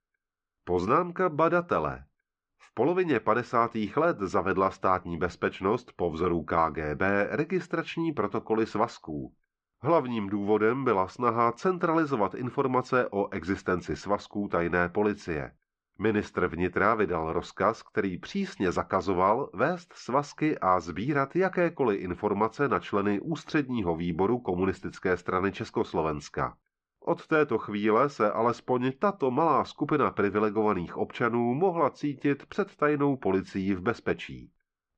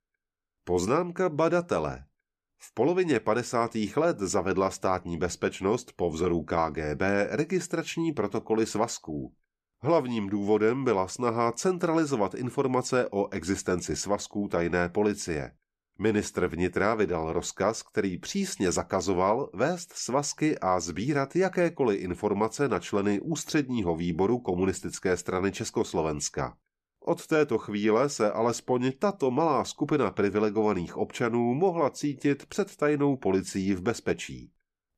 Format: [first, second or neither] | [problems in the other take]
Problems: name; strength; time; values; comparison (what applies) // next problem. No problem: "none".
second | muffled; slightly; fading above 4 kHz